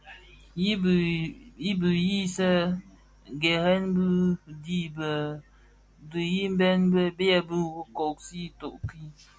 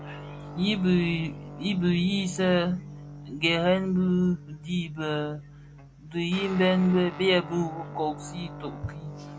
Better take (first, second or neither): first